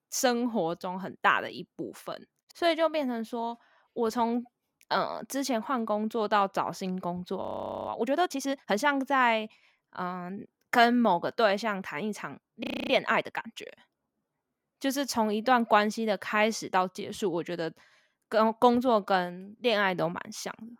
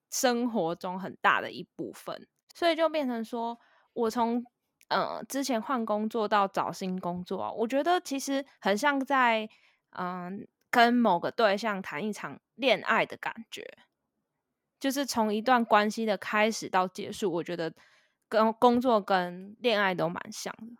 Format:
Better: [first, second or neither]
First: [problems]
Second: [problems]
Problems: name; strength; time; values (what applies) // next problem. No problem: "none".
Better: second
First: audio freezing; at 7.5 s and at 13 s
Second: none